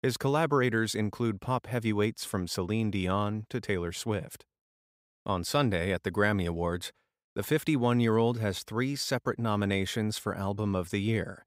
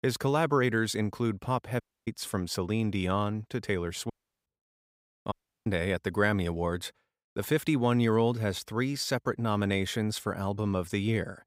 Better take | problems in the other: first | audio cutting out; at 2 s, at 4 s and at 5.5 s

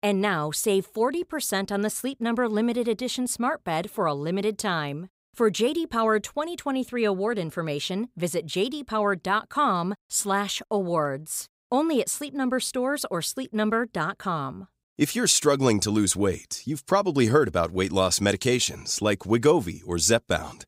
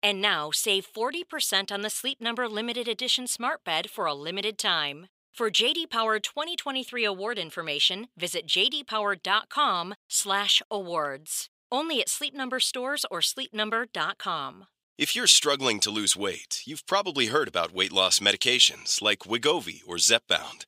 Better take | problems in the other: first | thin; somewhat; fading below 650 Hz

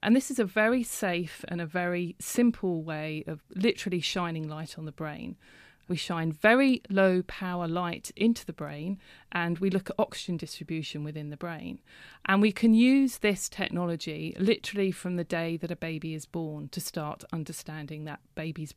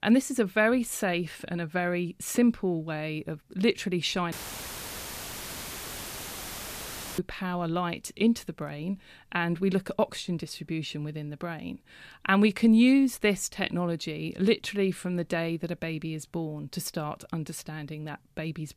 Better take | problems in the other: first | audio cutting out; filled with static; at 4.5 s for 3 s

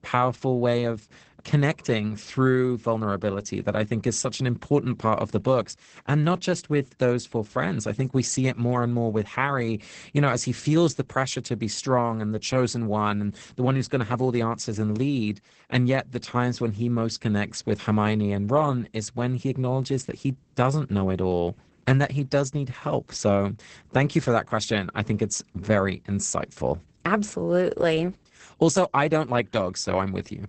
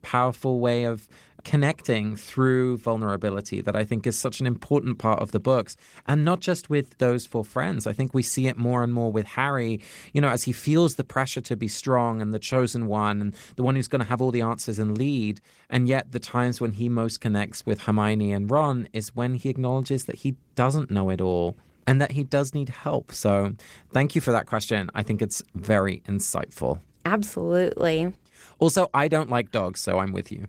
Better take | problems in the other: second | garbled, watery; badly; nothing above 8 kHz; slightly in the second

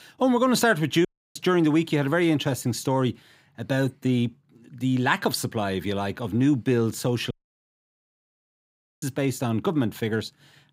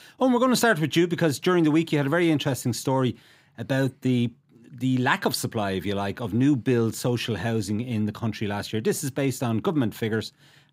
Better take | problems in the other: second | audio cutting out; at 1 s and at 7.5 s for 1.5 s

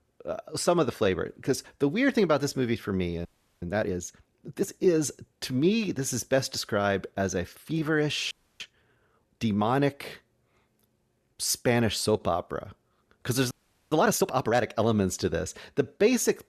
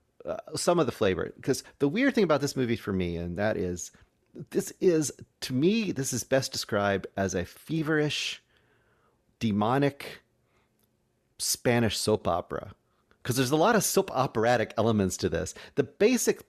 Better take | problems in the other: second | audio freezing; at 3.5 s, at 8.5 s and at 14 s

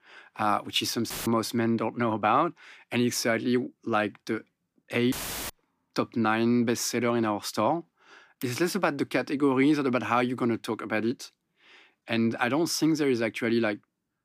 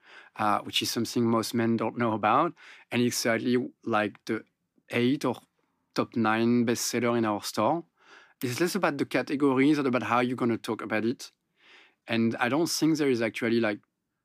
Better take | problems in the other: second | audio cutting out; filled with static; at 1 s and at 5 s

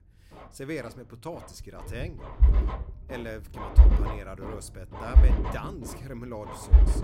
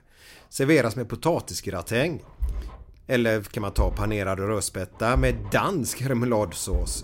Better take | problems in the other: second | low rumble; loud; throughout; as loud as the speech; faint in the second

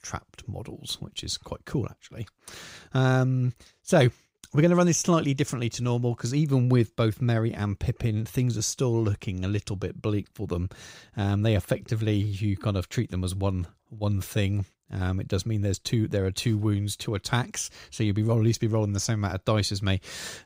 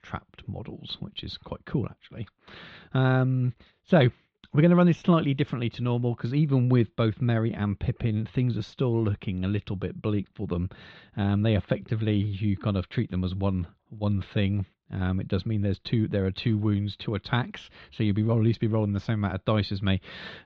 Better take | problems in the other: first | muffled; slightly; fading above 3.5 kHz

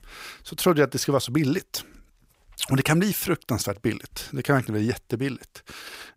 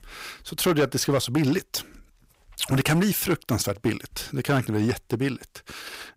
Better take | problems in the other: first | distortion; slight; 5% of the sound clipped

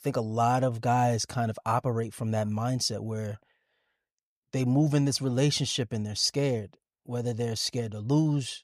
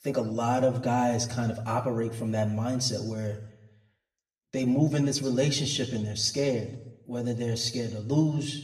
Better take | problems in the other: first | room echo; slight; dies away in 0.8 s // off-mic speech; somewhat distant

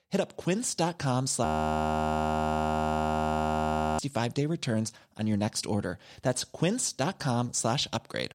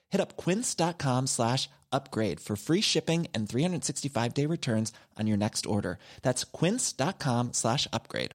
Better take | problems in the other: second | audio freezing; at 1.5 s for 2.5 s

